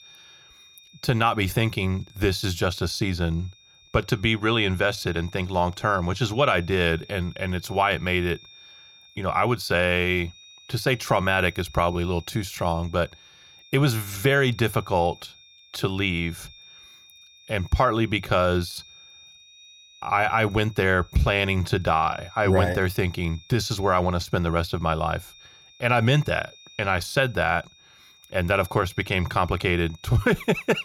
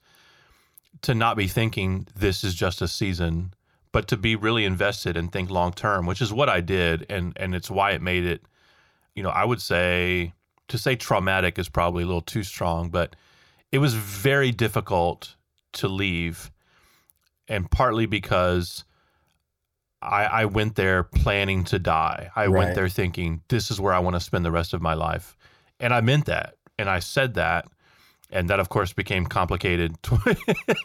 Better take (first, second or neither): second